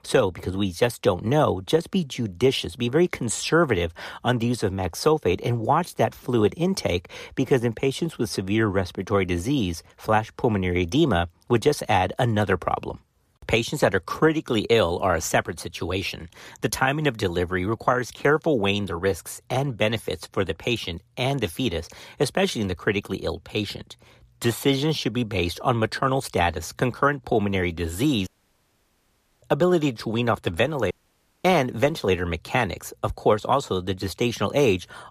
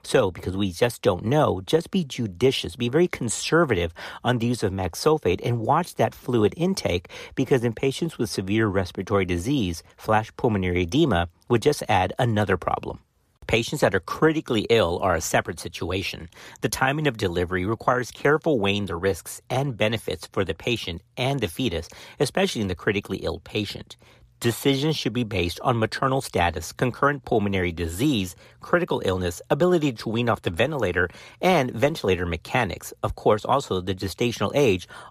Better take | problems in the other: second | audio cutting out; at 28 s for 1 s and at 31 s for 0.5 s

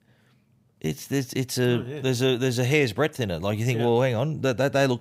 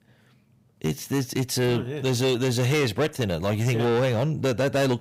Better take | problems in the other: first | distortion; slight; 13% of the sound clipped

